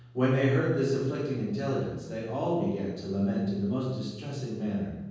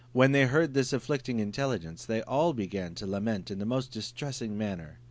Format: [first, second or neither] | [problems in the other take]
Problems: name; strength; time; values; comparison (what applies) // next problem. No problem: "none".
second | room echo; dies away in 1.3 s